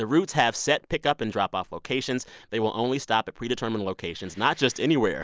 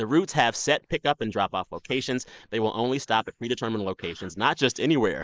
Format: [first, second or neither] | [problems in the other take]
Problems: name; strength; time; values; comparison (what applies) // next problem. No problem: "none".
first | noise reduction (neural mask model Resemble Enhance denoiser)